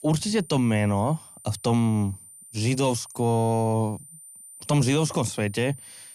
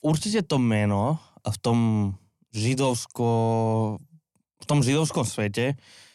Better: second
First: high-pitched whine; noticeable; throughout; 9 kHz, 20 dB below the speech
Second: none

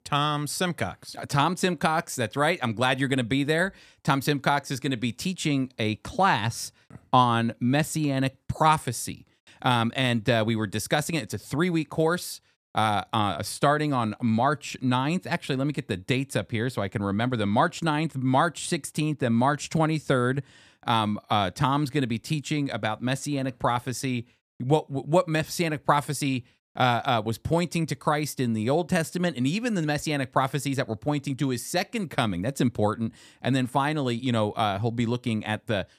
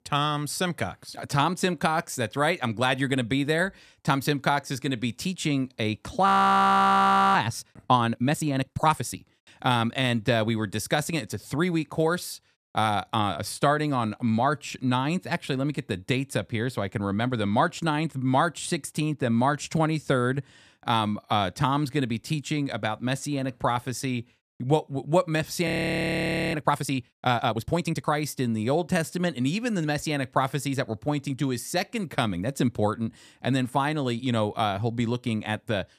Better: first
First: none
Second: audio freezing; at 6.5 s for 1 s and at 26 s for 1 s

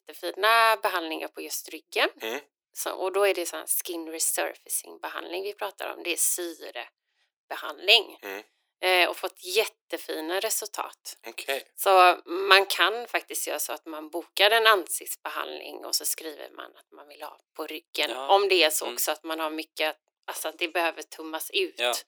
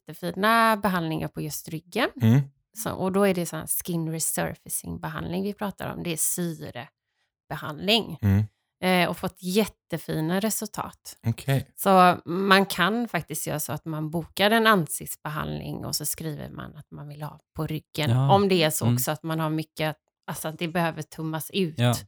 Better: second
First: thin; very; fading below 350 Hz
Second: none

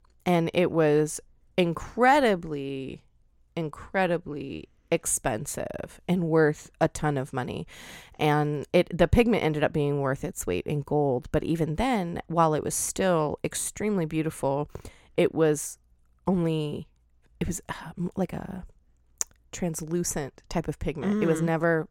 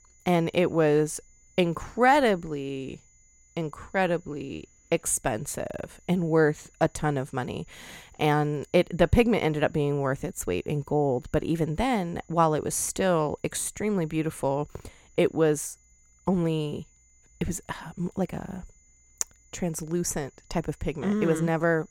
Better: first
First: none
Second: high-pitched whine; faint; throughout; 7 kHz, 30 dB below the speech

